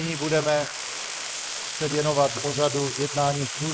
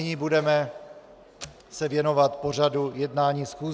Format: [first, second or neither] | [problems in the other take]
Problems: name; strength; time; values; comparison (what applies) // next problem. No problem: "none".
second | noise reduction (neural mask model Resemble Enhance denoiser)